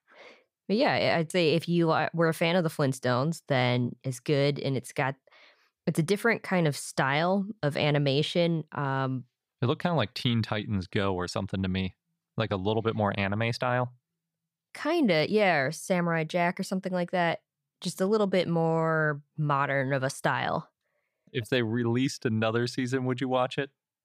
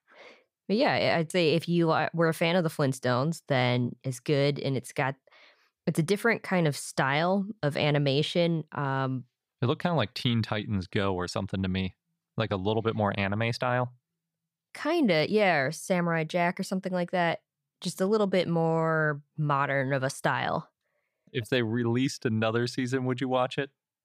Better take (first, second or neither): neither